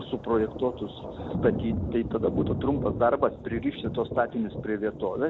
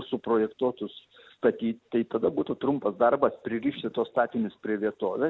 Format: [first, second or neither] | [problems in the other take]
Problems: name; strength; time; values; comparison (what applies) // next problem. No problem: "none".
second | background sound (Thunder); 6 dB below the speech